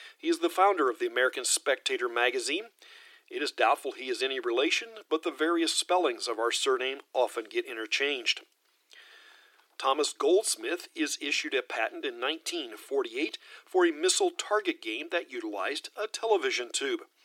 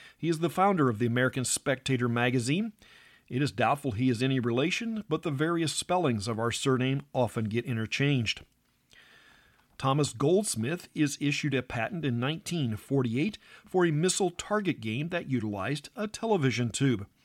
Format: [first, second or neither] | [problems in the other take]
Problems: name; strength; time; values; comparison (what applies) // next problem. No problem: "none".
second | thin; very; fading below 300 Hz